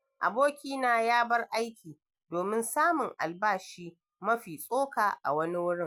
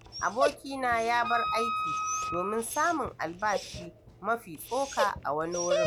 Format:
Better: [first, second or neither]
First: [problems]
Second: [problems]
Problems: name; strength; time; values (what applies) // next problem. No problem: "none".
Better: first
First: none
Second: background sound (Wind instrument, woodwind instrument + Dog); 3 dB below the speech